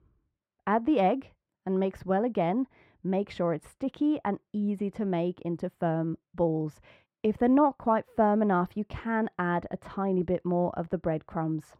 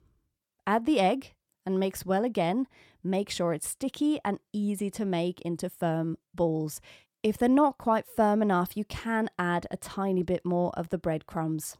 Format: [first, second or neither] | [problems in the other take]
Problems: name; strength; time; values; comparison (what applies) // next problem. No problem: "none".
second | muffled; very; fading above 4 kHz